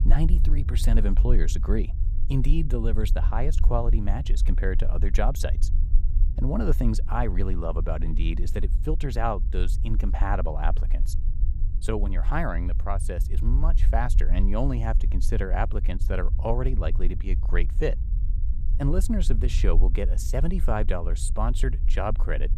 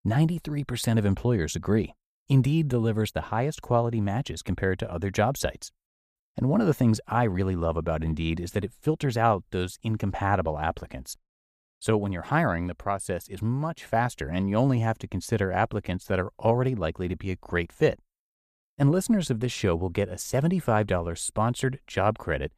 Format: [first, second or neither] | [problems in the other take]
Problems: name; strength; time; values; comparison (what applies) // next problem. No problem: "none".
second | low rumble; noticeable; throughout; 15 dB below the speech